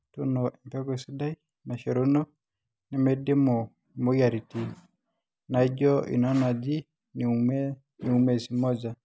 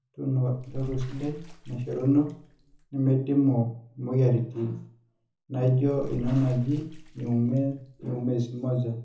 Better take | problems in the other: first | background sound (Bathtub (filling or washing) / Water / Splash, splatter); 14 dB below the speech // room echo; dies away in 0.6 s

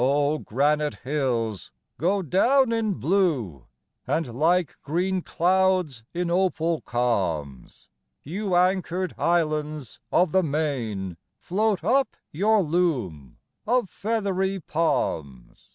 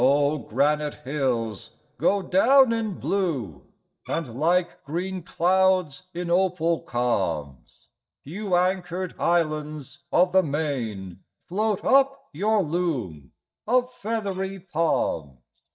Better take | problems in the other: first | noise reduction (neural mask model DeepFilterNet 3)

